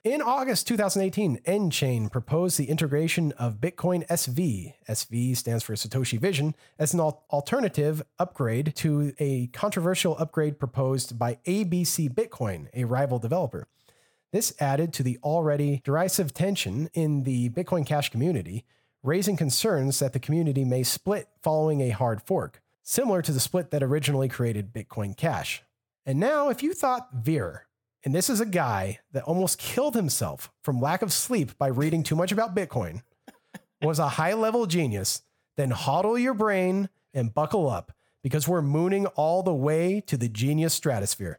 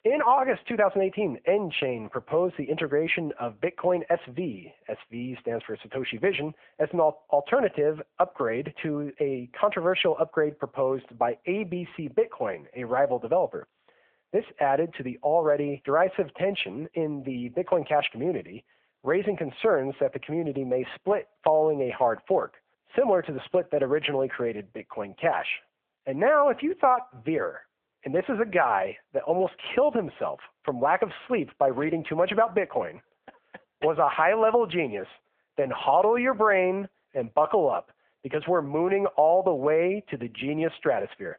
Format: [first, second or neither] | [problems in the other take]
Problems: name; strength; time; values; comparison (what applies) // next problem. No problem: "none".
first | phone-call audio; nothing above 3.5 kHz